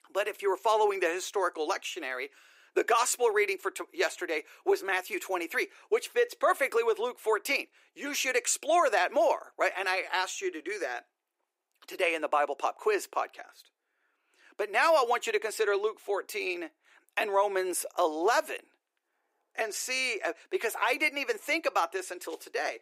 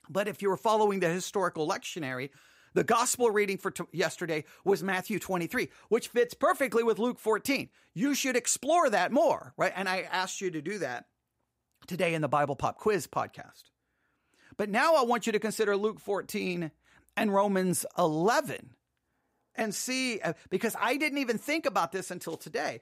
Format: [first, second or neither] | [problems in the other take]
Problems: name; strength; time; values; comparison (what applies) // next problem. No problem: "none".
second | thin; very; fading below 350 Hz